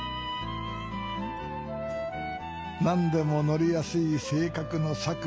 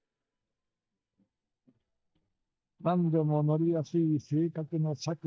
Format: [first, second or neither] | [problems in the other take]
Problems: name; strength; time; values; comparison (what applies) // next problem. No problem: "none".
first | noise reduction (neural mask model DeepFilterNet 3)